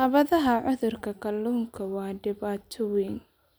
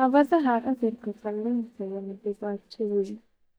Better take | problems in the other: first | noise reduction (neural mask model DeepFilterNet 3)

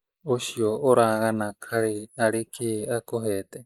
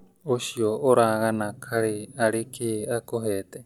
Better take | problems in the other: second | noise reduction (neural mask model Resemble Enhance denoiser)

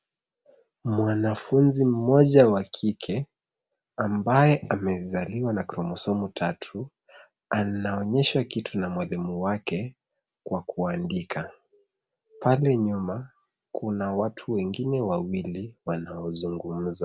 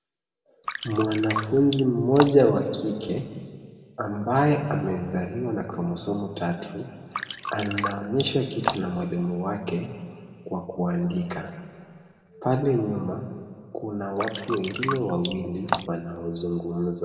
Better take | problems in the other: first | background sound (Drip); 6 dB below the speech // room echo; dies away in 2 s

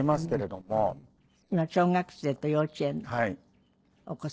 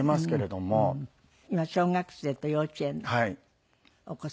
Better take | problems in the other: second | noise reduction (neural separator model SepFormer DNS4)

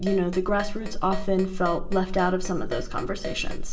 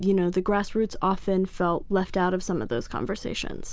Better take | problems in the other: second | background sound (Keyboard (musical)); 15 dB below the speech // room echo; dies away in 1.3 s

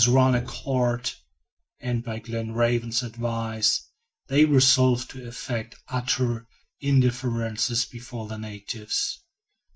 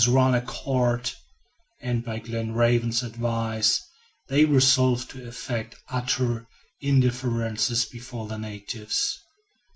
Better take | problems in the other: second | noise reduction (neural mask model DeepFilterNet 3)

